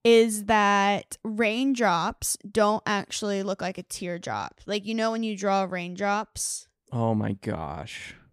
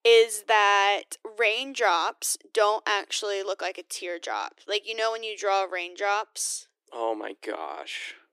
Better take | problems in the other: first | thin; very; fading below 300 Hz

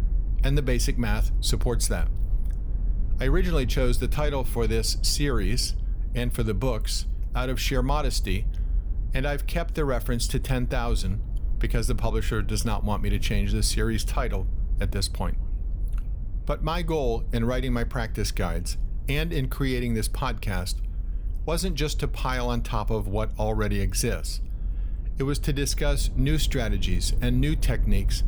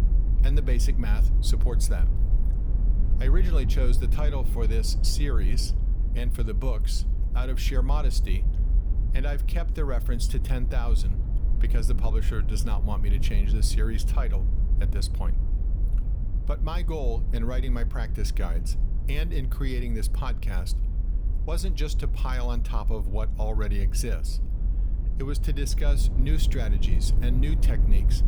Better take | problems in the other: first | low rumble; loud; throughout; 9 dB below the speech; faint in the first

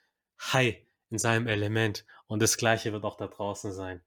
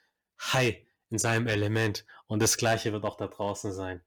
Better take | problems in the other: first | distortion; slight; 3% of the sound clipped

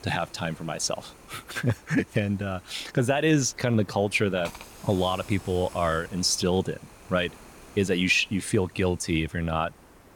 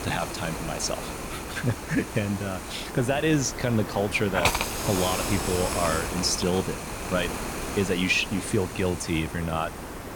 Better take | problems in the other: first | hiss; loud; throughout; 4 dB below the speech; faint in the first

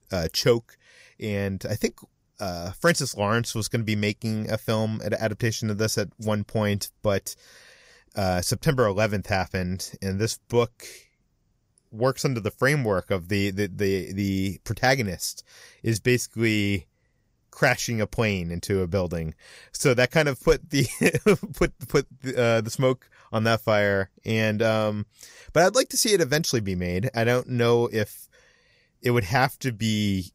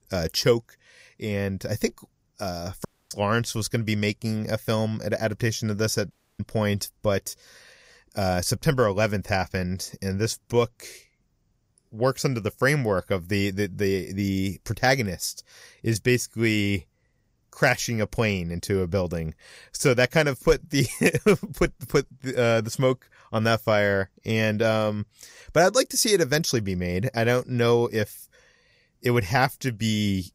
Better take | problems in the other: first | audio cutting out; at 3 s and at 6 s

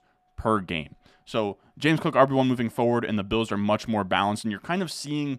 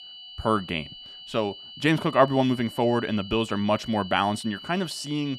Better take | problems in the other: first | high-pitched whine; noticeable; throughout; 3 kHz, 15 dB below the speech

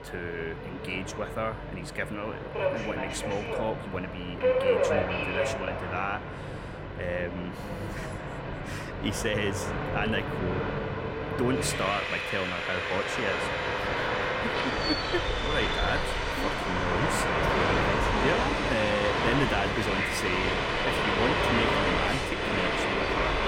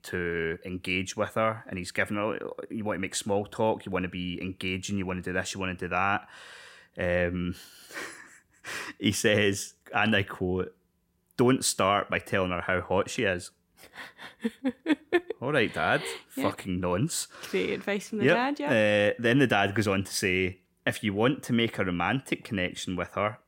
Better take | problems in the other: second | train or aircraft noise; very loud; throughout; 4 dB above the speech

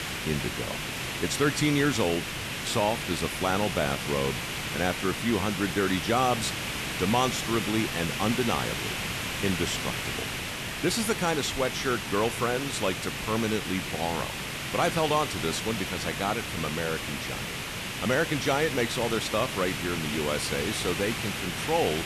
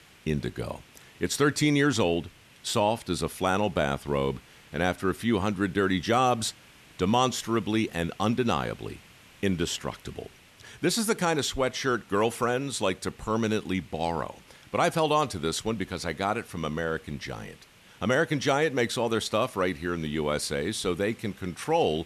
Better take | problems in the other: second | hiss; loud; throughout; 3 dB below the speech; faint in the second

